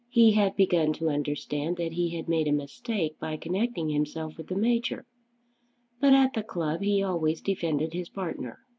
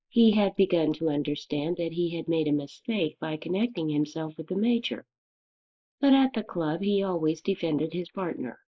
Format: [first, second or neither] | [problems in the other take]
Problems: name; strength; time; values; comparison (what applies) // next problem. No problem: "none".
first | noise reduction (neural mask model Resemble Enhance denoiser)